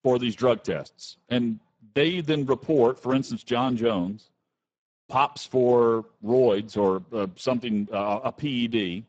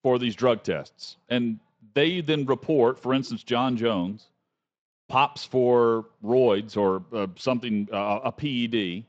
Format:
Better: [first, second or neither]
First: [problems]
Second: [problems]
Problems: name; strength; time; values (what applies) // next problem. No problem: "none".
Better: second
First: garbled, watery; badly; nothing above 7.5 kHz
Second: garbled, watery; slightly; nothing above 7.5 kHz